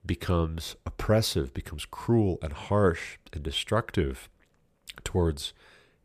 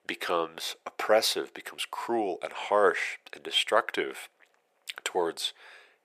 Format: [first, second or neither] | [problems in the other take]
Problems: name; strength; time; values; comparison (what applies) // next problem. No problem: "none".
first | thin; very; fading below 400 Hz